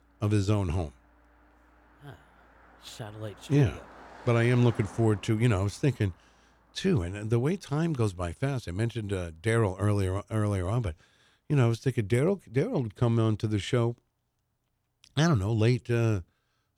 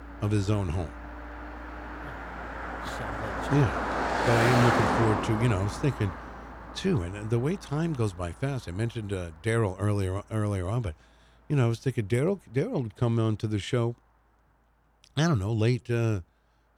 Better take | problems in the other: first | traffic noise; loud; throughout; 3 dB below the speech; faint in the first

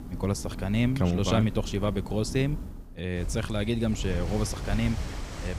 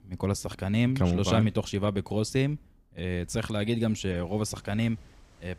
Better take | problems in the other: second | rain or running water; loud; throughout; 9 dB below the speech; faint in the second

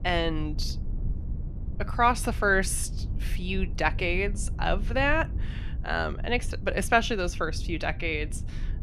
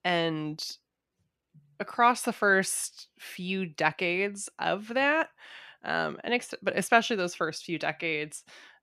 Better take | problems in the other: second | low rumble; faint; throughout; 20 dB below the speech

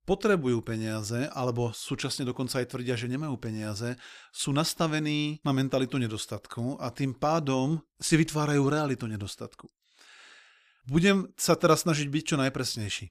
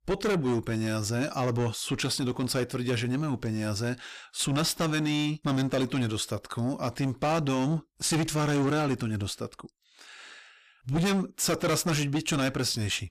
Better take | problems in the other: first | distortion; heavy; 6 dB below the speech

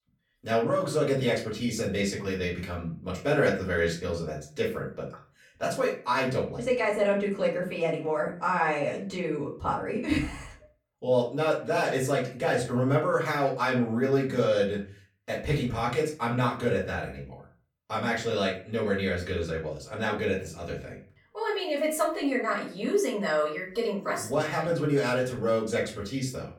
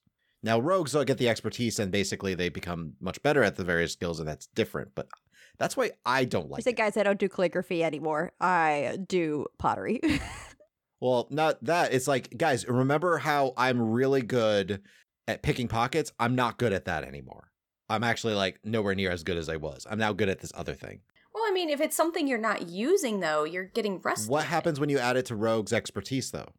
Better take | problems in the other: second | room echo; slight; dies away in 0.3 s // off-mic speech; far

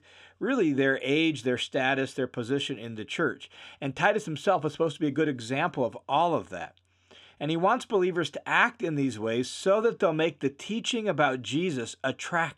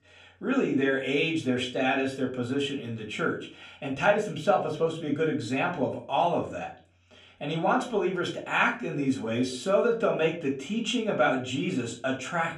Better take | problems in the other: first | room echo; slight; dies away in 0.3 s // off-mic speech; far

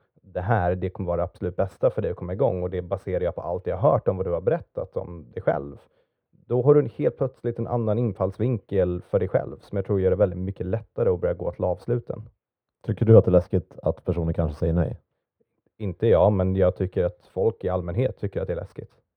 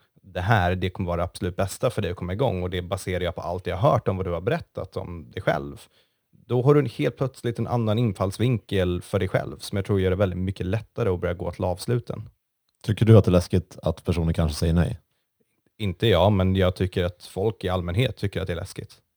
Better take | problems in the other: second | muffled; very; fading above 2.5 kHz

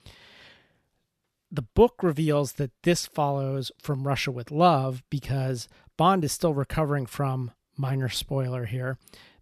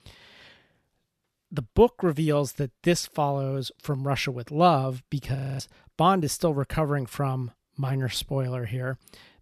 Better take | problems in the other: first | audio freezing; at 5.5 s

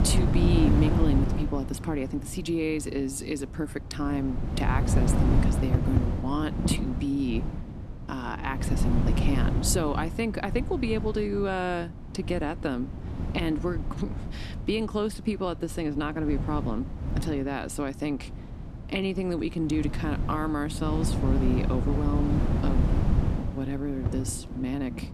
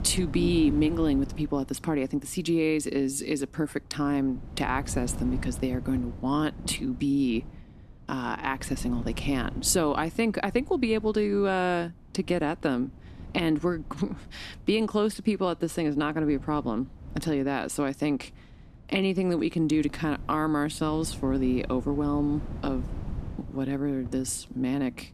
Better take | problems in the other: second | wind noise on the microphone; heavy; 5 dB below the speech; occasional gusts in the second

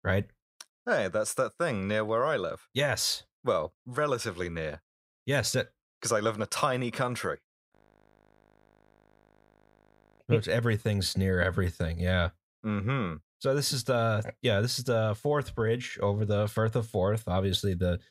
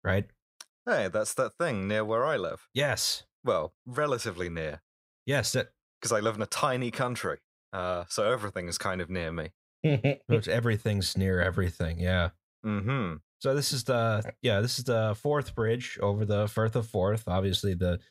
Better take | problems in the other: second | audio freezing; at 7.5 s for 2.5 s

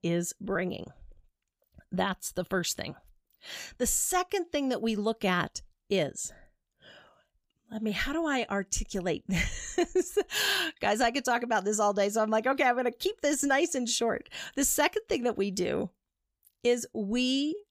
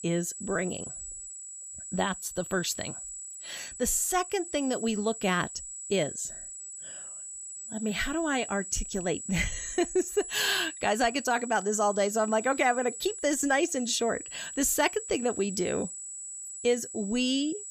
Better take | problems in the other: first | high-pitched whine; loud; throughout; 8 kHz, 9 dB below the speech

